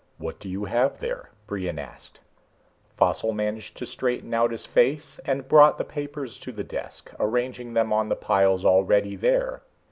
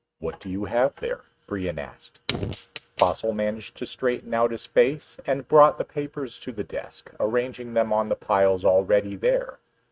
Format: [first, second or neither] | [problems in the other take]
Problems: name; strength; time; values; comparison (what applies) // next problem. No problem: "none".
first | noise reduction (neural mask model RNNoise)